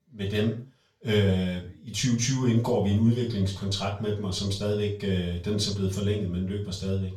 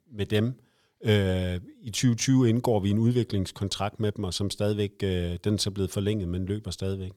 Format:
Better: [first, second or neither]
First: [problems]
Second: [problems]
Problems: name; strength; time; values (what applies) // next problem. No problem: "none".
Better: second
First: room echo; noticeable; dies away in 0.3 s // off-mic speech; far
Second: none